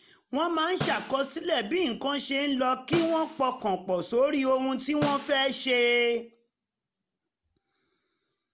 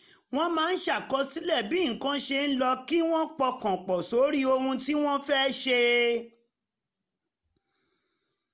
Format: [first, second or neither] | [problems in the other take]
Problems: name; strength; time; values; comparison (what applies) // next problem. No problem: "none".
second | background sound (Snare drum); 13 dB below the speech